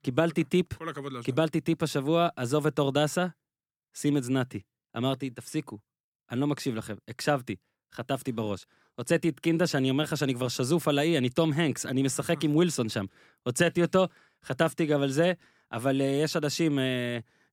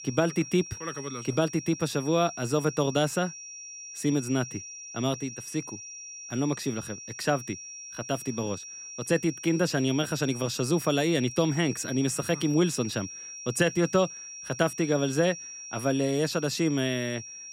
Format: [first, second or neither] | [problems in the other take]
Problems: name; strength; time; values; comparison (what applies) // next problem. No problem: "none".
first | high-pitched whine; noticeable; throughout; 5.5 kHz, 10 dB below the speech